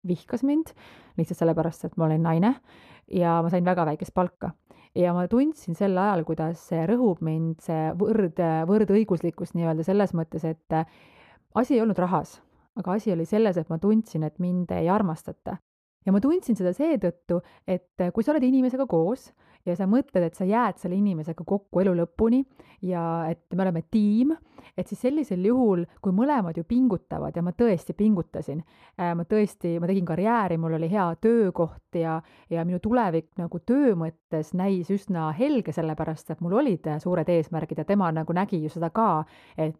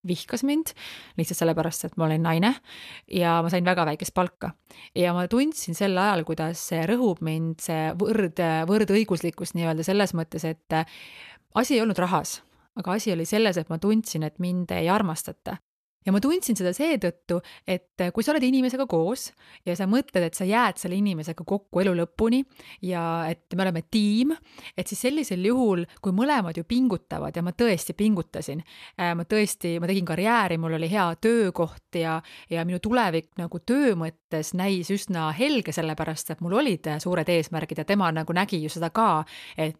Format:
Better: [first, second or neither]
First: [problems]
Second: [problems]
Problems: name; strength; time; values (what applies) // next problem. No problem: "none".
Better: second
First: muffled; very; fading above 1.5 kHz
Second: none